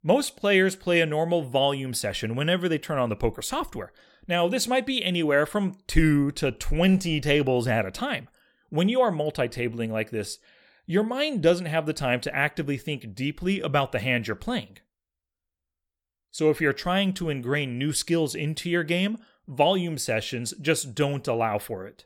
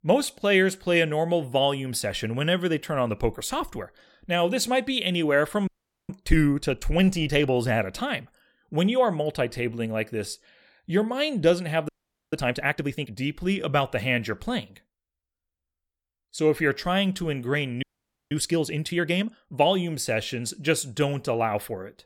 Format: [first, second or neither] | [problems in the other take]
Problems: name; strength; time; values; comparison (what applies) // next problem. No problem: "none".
first | audio freezing; at 5.5 s, at 12 s and at 18 s